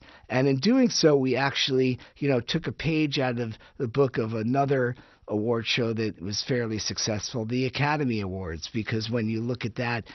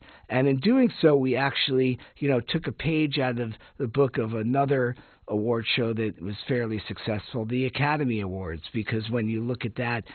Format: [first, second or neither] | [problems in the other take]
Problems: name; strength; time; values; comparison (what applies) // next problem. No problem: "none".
first | garbled, watery; badly; nothing above 4 kHz; slightly in the first